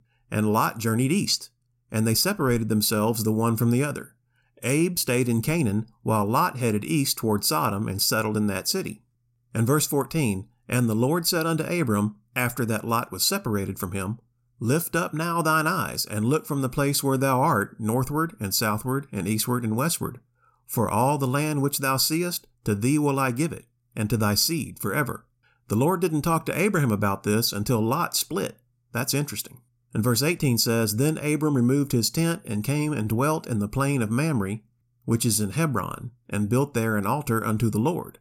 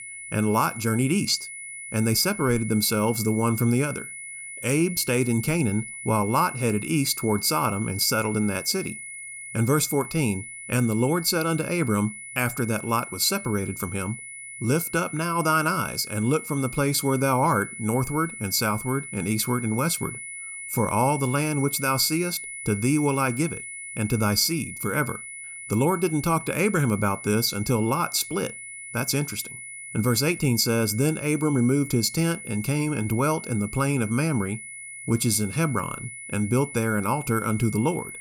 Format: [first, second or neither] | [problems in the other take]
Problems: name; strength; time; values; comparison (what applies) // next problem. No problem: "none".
first | high-pitched whine; noticeable; throughout; 2 kHz, 10 dB below the speech